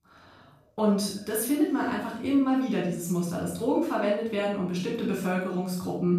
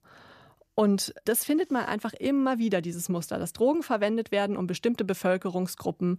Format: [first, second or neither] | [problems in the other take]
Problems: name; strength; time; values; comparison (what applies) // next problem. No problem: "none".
second | off-mic speech; far // room echo; noticeable; dies away in 0.5 s